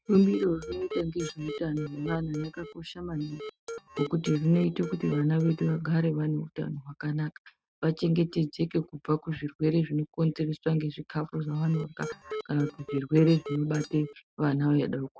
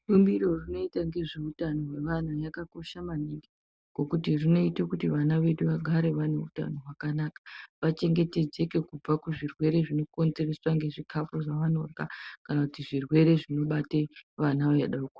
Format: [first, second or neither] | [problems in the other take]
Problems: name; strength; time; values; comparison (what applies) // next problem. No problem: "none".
second | noise reduction (neural mask model RNNoise)